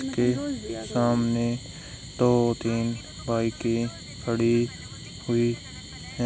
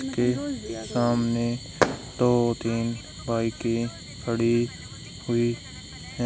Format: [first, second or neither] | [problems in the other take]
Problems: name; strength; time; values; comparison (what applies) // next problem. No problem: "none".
first | background sound (Fireworks); 6 dB below the speech